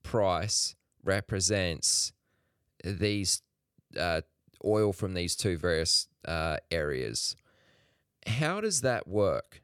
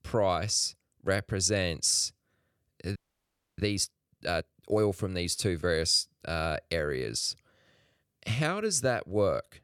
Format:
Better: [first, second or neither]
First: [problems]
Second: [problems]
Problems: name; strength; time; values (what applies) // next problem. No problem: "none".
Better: first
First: none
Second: audio freezing; at 3 s for 0.5 s